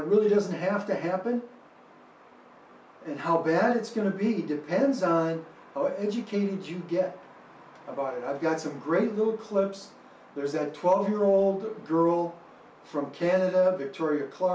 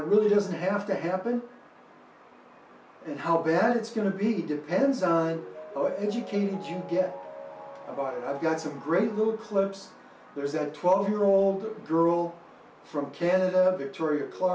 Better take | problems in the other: first | background sound (Mallet percussion); 20 dB below the speech

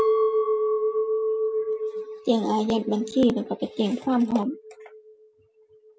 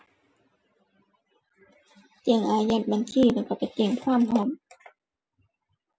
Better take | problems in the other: second | background sound (Chink, clink); as loud as the speech

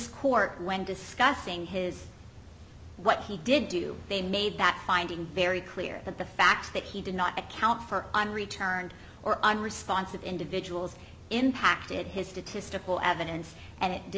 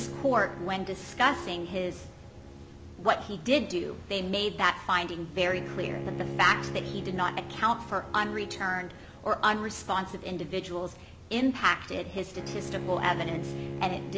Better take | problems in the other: first | background sound (Bowed string instrument); 10 dB below the speech

